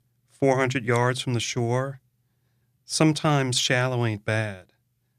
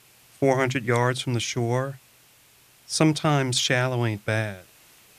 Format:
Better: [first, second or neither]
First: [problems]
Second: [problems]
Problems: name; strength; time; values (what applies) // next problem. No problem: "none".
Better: first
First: none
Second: hiss; faint; throughout; 30 dB below the speech